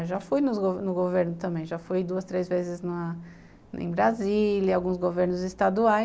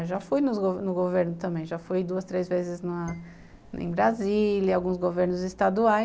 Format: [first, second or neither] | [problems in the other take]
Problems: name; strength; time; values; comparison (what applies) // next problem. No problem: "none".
first | background sound (Dishes, pots, and pans); 20 dB below the speech